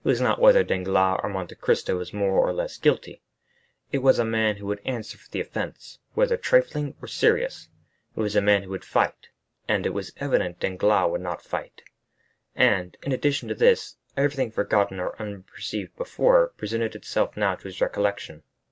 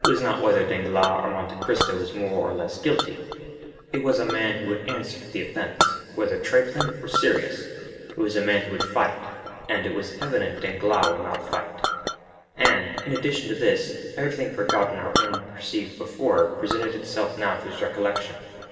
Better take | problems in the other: first | background sound (Chink, clink); 6 dB below the speech // room echo; dies away in 2.4 s

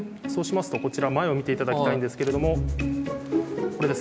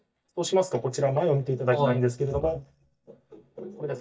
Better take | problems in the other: first | noise reduction (neural mask model DeepFilterNet 3)

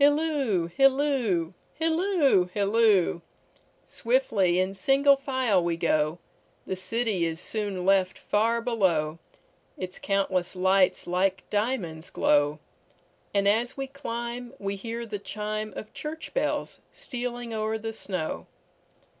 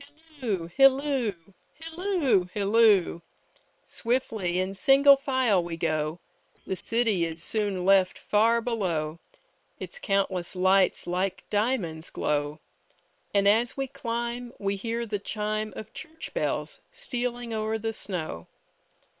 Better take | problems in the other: first | noise reduction (neural separator model SepFormer WHAM!)

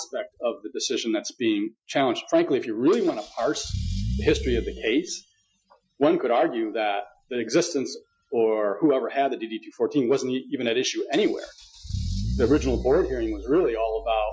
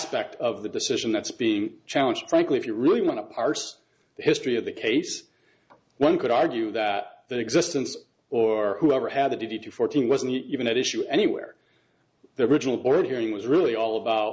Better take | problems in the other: second | noise reduction (classical method Wiener filter)

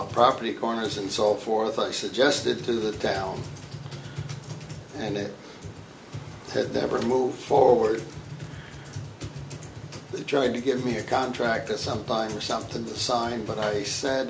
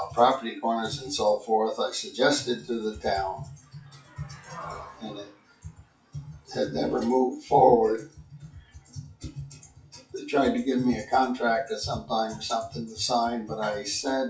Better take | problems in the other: first | noise reduction (classical method WPE with log-MMSE)

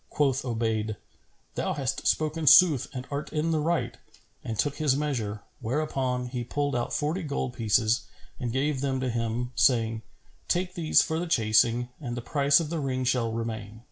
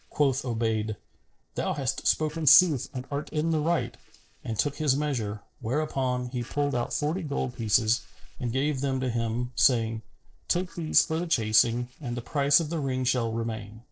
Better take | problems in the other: first | noise reduction (neural separator model SepFormer DNS4)

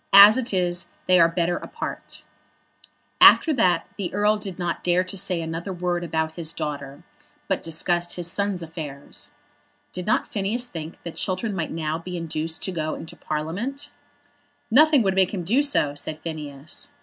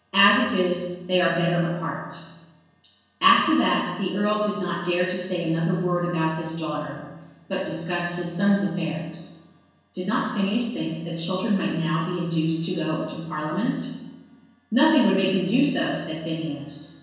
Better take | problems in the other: first | room echo; dies away in 1 s

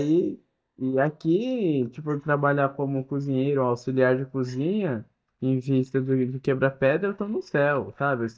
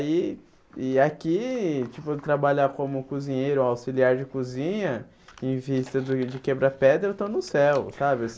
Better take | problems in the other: second | noise reduction (neural mask model DeepFilterNet 3)

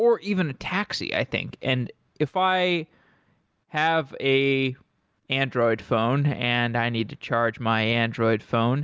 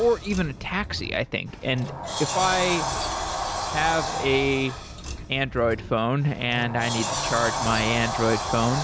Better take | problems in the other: first | background sound (Sliding door); 5 dB below the speech

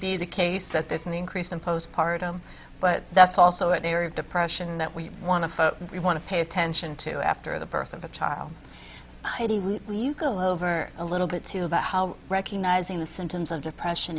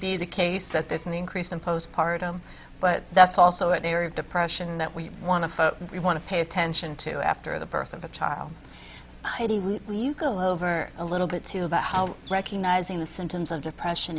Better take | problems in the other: first | background sound (Squeak); 16 dB below the speech

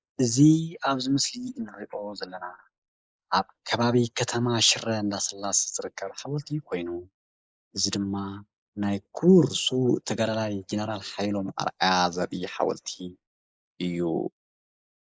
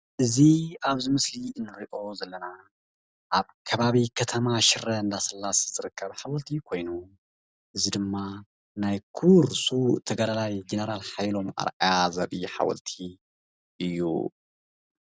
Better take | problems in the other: second | noise reduction (neural mask model Resemble Enhance denoiser)

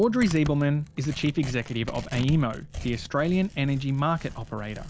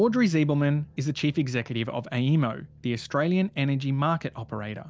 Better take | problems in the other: second | background sound (Tearing); 13 dB below the speech

